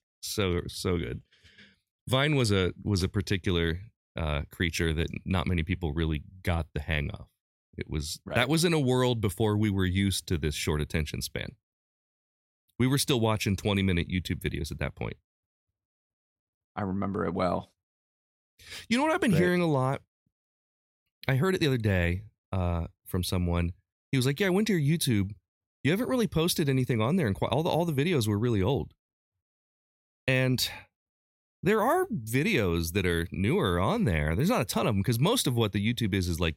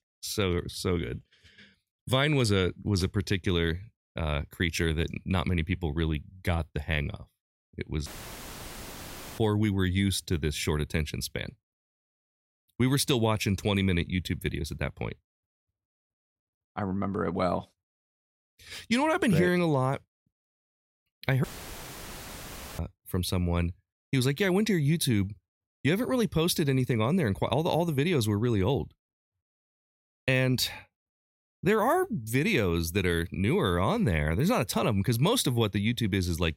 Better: first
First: none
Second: audio cutting out; filled with static; at 8 s for 1.5 s and at 21 s for 1.5 s

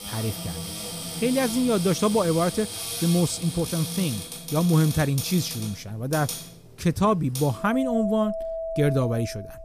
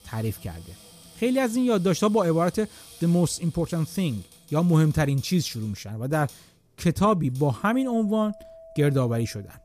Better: second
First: household noises; loud; throughout; 7 dB below the speech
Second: household noises; faint; throughout; 25 dB below the speech

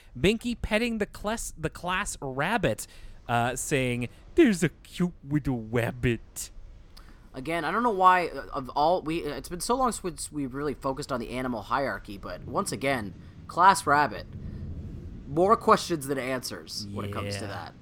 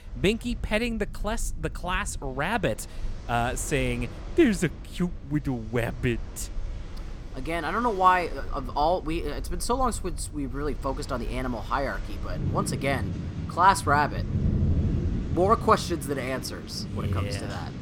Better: first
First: rain or running water; faint; throughout; 20 dB below the speech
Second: rain or running water; loud; throughout; 7 dB below the speech

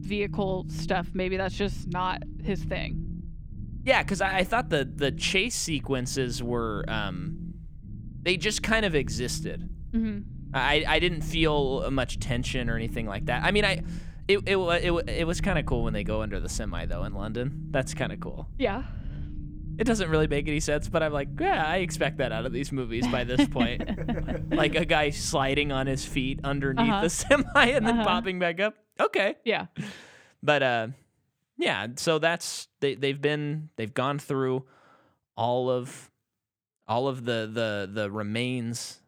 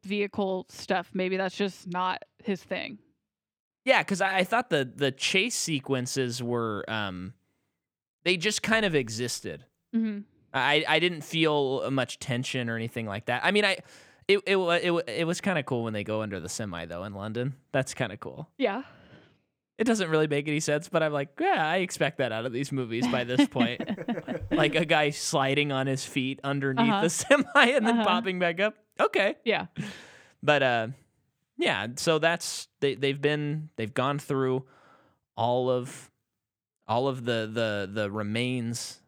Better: second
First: low rumble; faint; until 28 s; 20 dB below the speech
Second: none

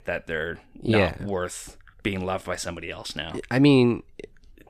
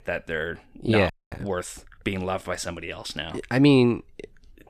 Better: first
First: none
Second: audio freezing; at 1 s

